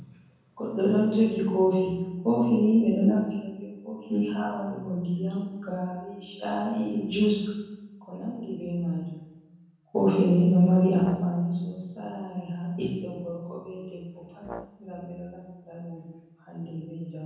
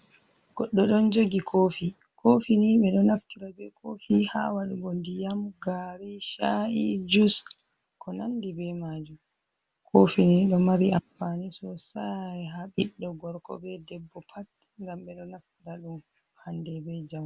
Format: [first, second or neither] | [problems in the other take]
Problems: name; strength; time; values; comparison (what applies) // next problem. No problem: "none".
second | background sound (Brass instrument); 17 dB below the speech // room echo; dies away in 1.1 s